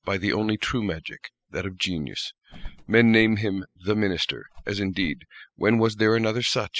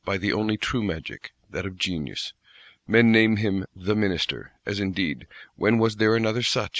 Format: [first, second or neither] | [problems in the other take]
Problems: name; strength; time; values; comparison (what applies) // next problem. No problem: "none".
second | noise reduction (classical method spectral subtraction)